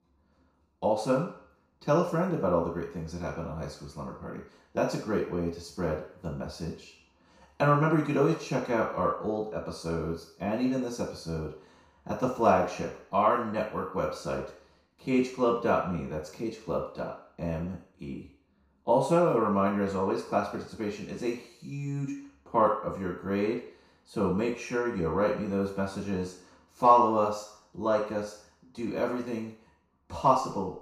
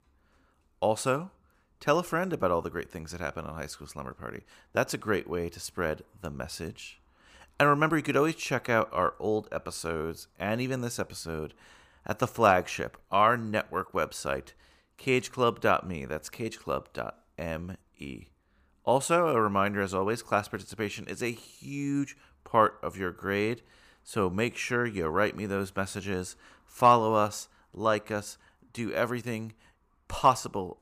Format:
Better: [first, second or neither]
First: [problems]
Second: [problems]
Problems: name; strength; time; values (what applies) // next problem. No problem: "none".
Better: second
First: room echo; noticeable; dies away in 0.6 s // off-mic speech; far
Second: none